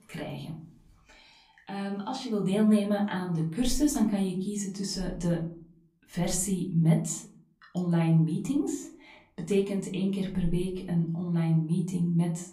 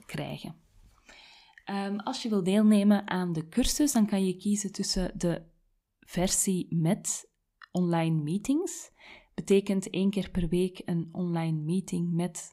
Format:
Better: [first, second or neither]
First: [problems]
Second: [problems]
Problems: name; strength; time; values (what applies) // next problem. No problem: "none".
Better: second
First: off-mic speech; far // room echo; very slight; dies away in 0.5 s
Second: none